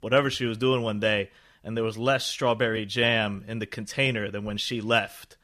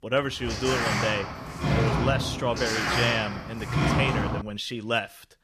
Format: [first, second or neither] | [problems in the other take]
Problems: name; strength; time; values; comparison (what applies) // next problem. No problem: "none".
first | door banging; loud; until 4.5 s; peak 5 dB above the speech